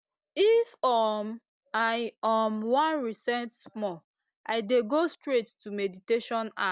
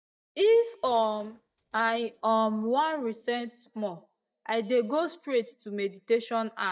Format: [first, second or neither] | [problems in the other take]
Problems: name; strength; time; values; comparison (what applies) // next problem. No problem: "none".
first | noise reduction (neural mask model DeepFilterNet 3)